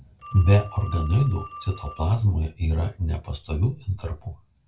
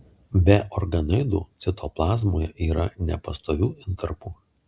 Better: second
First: background sound (Telephone); 20 dB below the speech // room echo; dies away in 0.2 s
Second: none

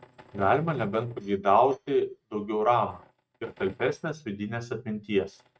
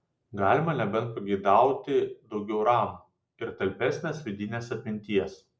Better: second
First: noise reduction (neural mask model RNNoise)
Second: none

